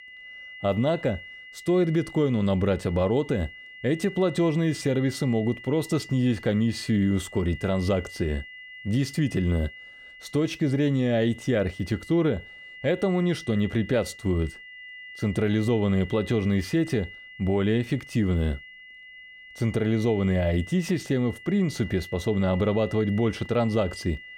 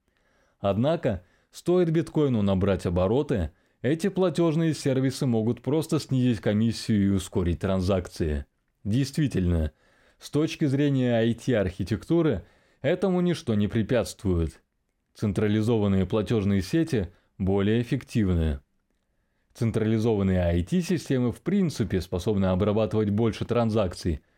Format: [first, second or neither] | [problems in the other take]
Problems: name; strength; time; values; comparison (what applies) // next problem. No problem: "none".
second | high-pitched whine; noticeable; throughout; 2 kHz, 15 dB below the speech